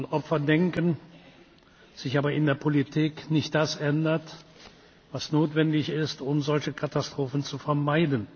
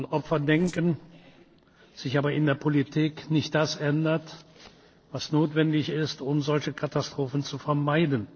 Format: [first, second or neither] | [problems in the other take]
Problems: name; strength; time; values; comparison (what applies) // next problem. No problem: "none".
first | noise reduction (neural separator model SepFormer DNS4)